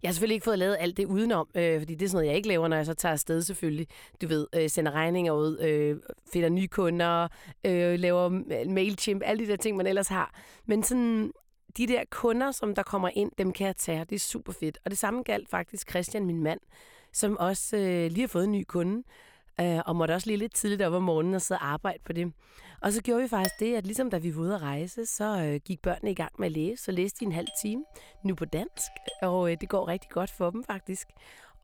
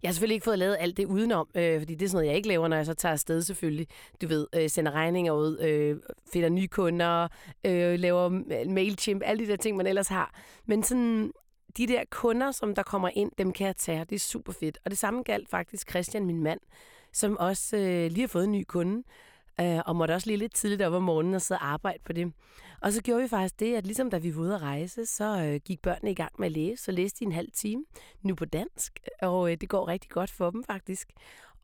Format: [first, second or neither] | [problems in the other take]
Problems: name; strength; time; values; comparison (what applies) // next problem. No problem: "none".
second | clattering dishes; noticeable; at 23 s; peak 6 dB below the speech // doorbell; faint; from 27 to 29 s; peak 15 dB below the speech